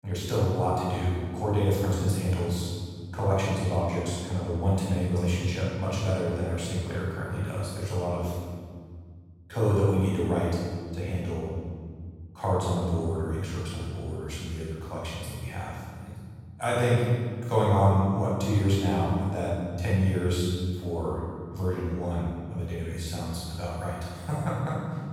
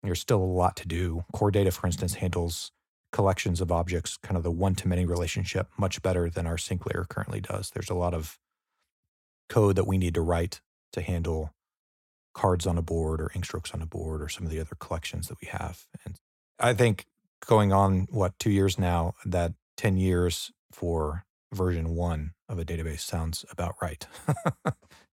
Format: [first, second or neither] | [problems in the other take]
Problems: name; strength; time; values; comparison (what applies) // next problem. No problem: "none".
second | off-mic speech; far // room echo; strong; dies away in 1.9 s